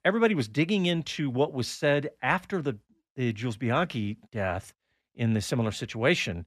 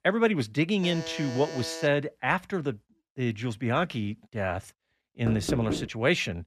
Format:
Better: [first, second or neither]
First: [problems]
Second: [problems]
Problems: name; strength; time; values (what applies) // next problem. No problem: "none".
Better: first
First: none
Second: alarm; noticeable; from 1 to 2 s; peak 9 dB below the speech // door banging; noticeable; at 5.5 s; peak 4 dB below the speech